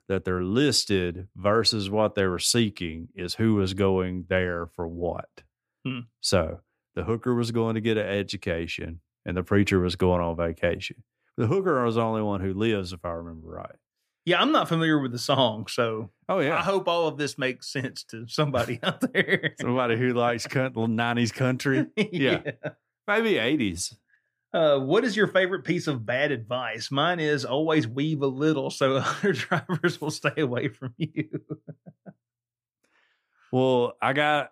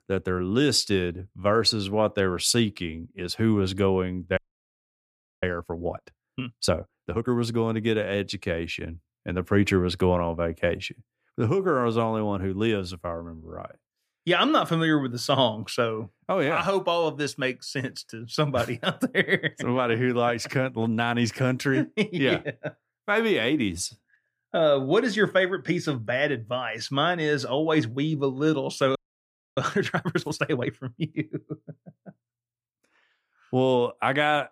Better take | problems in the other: first | audio freezing; at 4.5 s for 1 s and at 29 s for 0.5 s

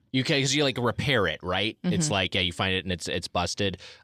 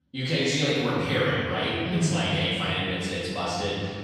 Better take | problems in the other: first | room echo; strong; dies away in 2.2 s // off-mic speech; far

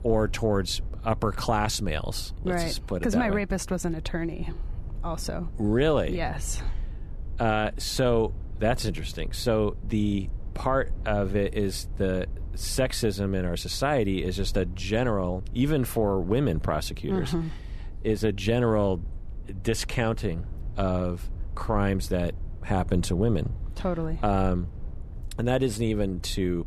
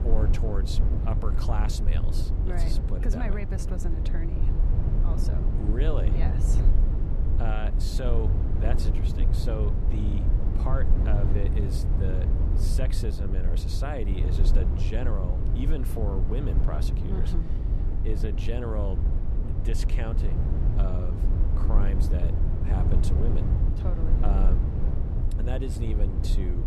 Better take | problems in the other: first | low rumble; loud; throughout; 2 dB below the speech; faint in the first

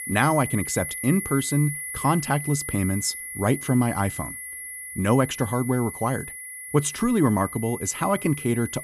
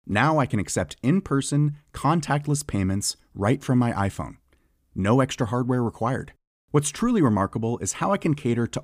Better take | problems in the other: second | high-pitched whine; loud; throughout; 2 kHz, 8 dB below the speech

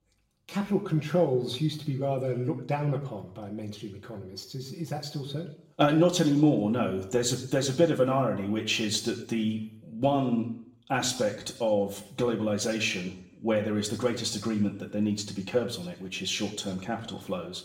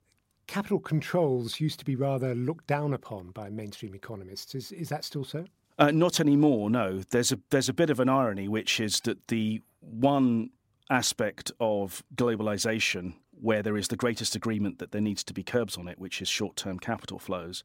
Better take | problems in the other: second | room echo; slight; dies away in 0.6 s // off-mic speech; somewhat distant

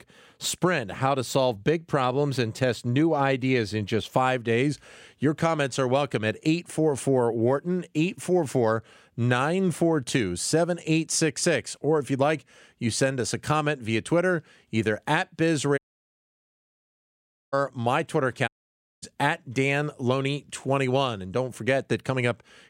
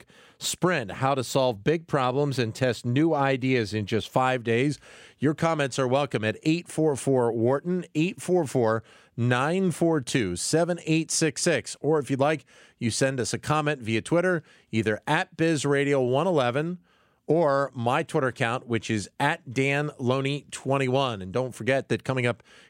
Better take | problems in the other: second | audio cutting out; at 16 s for 1.5 s and at 18 s for 0.5 s

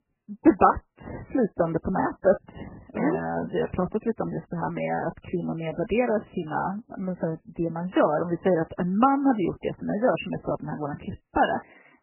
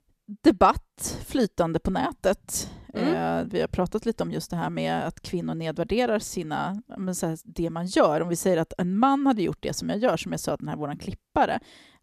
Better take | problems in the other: second | garbled, watery; badly; nothing above 3 kHz

